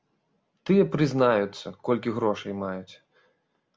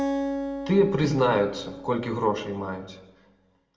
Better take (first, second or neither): first